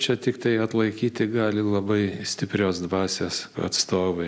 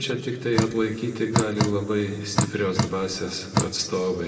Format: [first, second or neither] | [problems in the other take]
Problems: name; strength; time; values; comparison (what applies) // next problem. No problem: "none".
first | background sound (Drip); 1 dB below the speech // room echo; dies away in 1.8 s